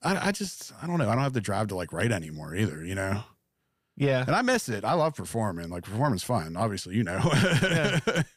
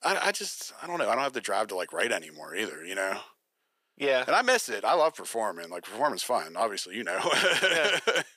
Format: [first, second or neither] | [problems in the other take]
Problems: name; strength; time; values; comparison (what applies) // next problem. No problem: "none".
first | thin; very; fading below 400 Hz